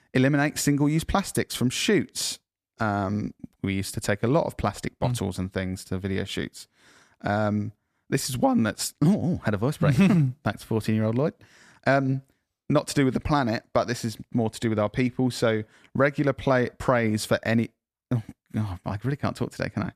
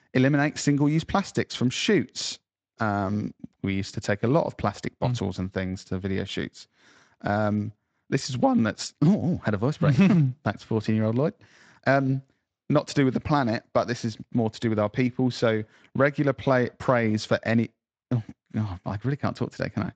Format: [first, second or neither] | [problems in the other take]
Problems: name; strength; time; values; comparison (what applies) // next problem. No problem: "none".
first | garbled, watery; slightly; nothing above 7.5 kHz